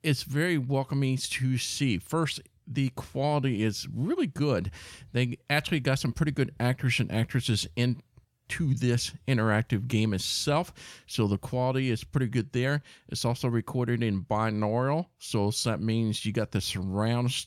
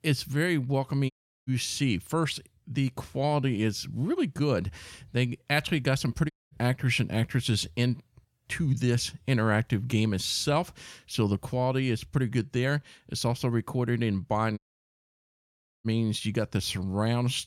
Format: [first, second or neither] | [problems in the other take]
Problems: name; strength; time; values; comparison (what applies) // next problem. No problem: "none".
first | audio cutting out; at 1 s, at 6.5 s and at 15 s for 1.5 s